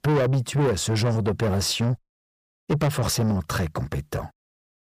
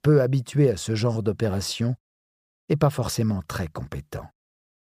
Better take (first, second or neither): second